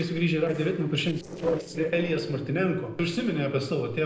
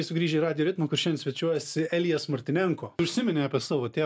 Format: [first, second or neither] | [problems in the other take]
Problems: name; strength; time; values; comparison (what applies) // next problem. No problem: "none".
second | noise reduction (neural separator model SepFormer DNS4)